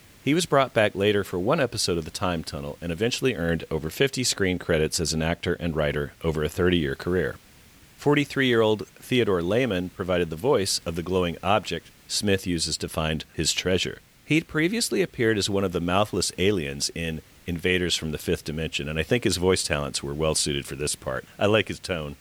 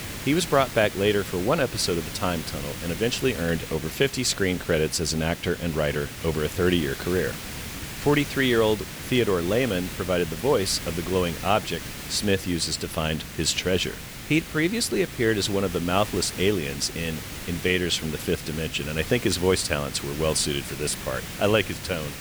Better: first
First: hiss; faint; throughout; 30 dB below the speech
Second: hiss; loud; throughout; 10 dB below the speech

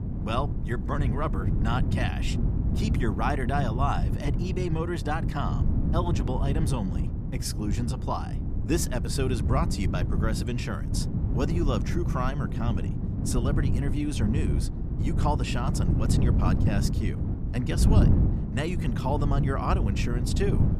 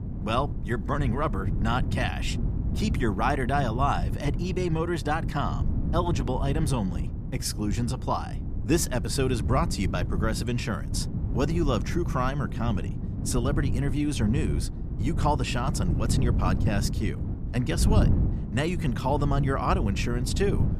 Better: second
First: wind noise on the microphone; heavy; 6 dB below the speech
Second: wind noise on the microphone; occasional gusts; 10 dB below the speech

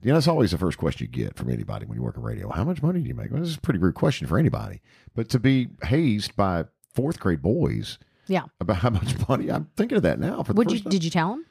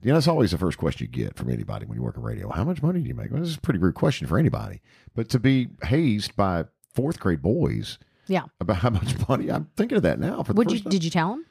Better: neither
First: none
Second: none

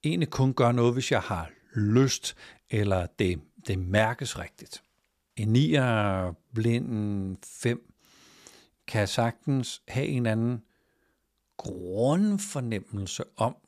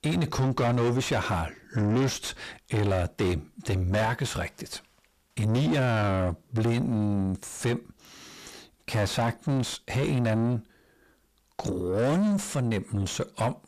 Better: first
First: none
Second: distortion; heavy; 6 dB below the speech

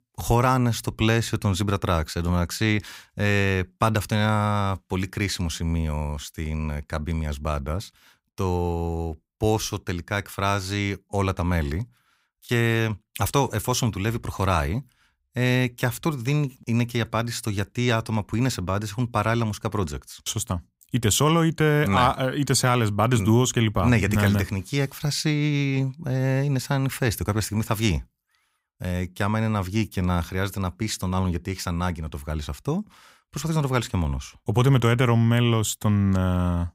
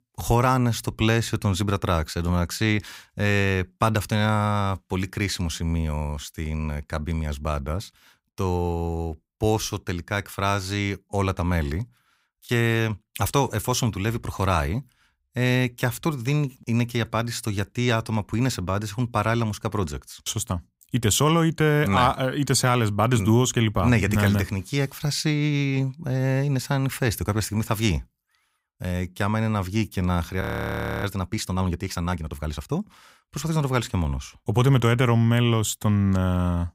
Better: first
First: none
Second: audio freezing; at 30 s for 0.5 s

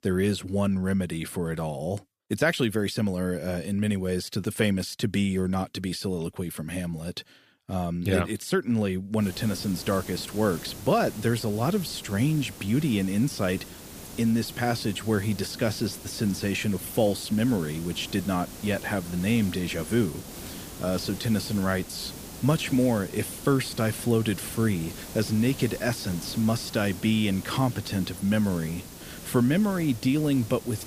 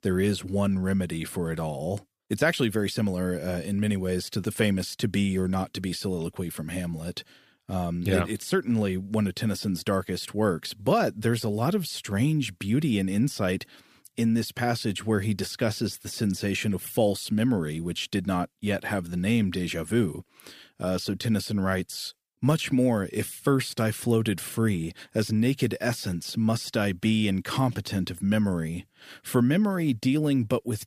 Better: second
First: hiss; noticeable; from 9 s on; 15 dB below the speech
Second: none

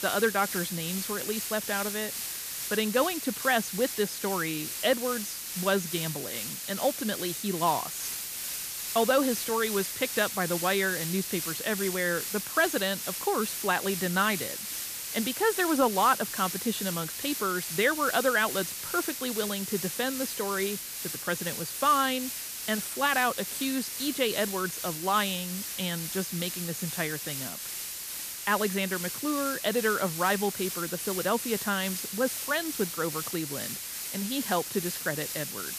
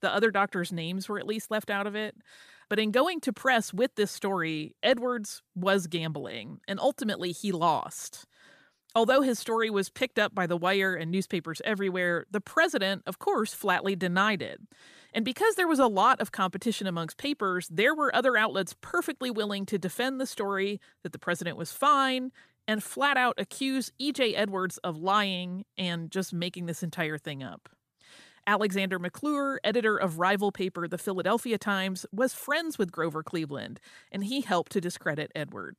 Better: second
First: hiss; loud; throughout; 4 dB below the speech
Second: none

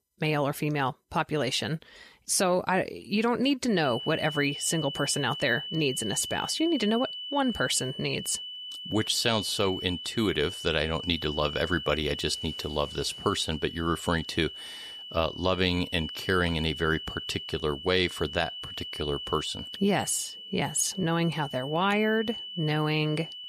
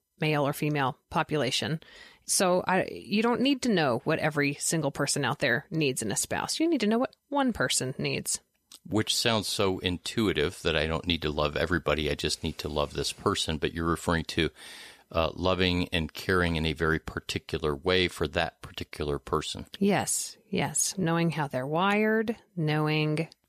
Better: second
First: high-pitched whine; loud; from 4 s on; 3 kHz, 9 dB below the speech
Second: none

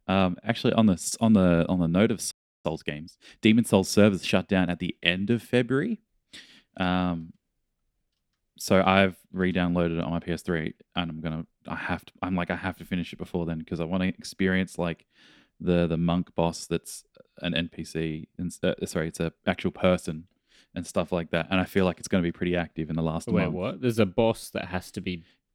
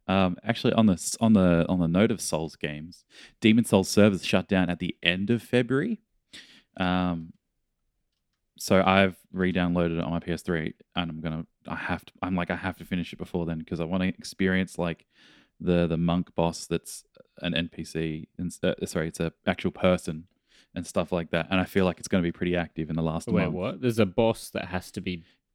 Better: second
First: audio freezing; at 2.5 s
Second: none

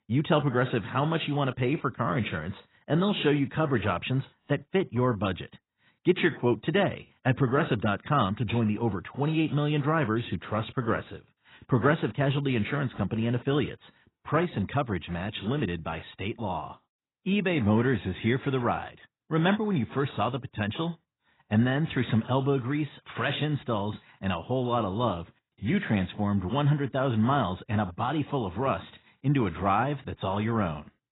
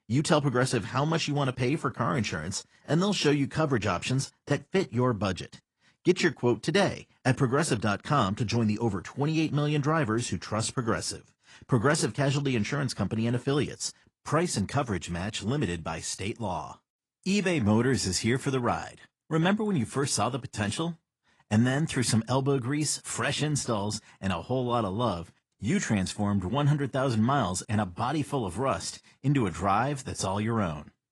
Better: second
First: garbled, watery; badly; nothing above 4 kHz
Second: garbled, watery; slightly; nothing above 10.5 kHz

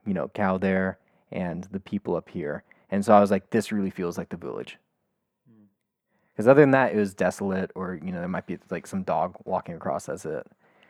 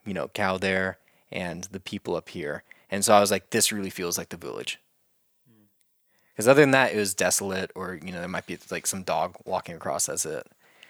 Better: second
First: muffled; very; fading above 2.5 kHz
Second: none

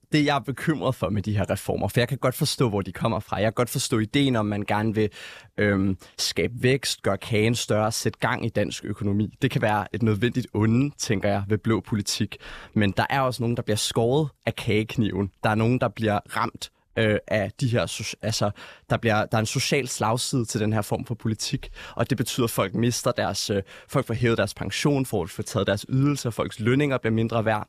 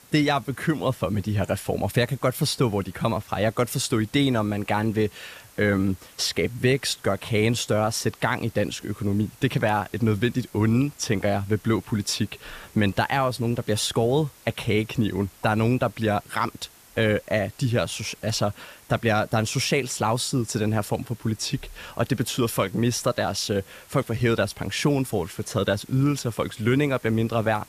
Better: first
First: none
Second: hiss; faint; throughout; 25 dB below the speech

